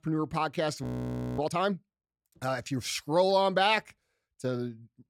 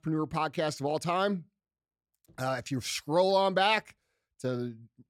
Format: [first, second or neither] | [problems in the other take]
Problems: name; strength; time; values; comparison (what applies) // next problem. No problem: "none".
second | audio freezing; at 1 s for 0.5 s